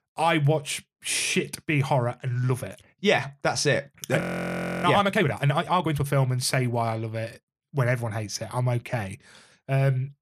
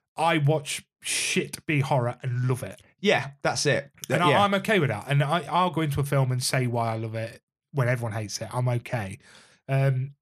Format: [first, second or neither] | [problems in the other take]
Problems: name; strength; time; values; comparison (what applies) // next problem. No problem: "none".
second | audio freezing; at 4 s for 0.5 s